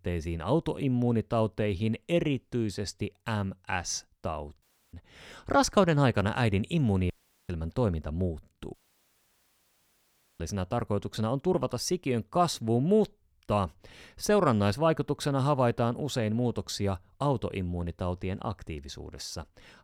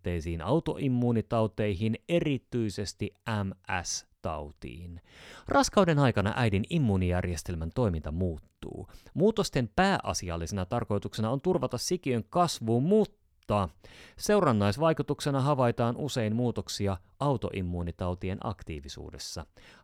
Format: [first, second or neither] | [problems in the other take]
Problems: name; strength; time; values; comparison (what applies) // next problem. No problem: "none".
second | audio cutting out; at 4.5 s, at 7 s and at 8.5 s for 1.5 s